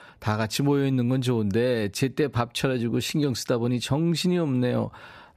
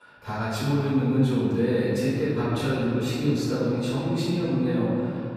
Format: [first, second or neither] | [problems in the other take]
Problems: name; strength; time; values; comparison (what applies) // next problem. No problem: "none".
first | room echo; strong; dies away in 2.8 s // off-mic speech; far